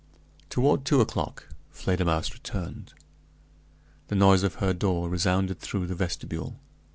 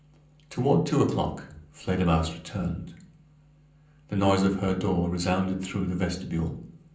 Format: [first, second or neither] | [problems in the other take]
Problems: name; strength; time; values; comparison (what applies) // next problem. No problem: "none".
first | room echo; dies away in 0.6 s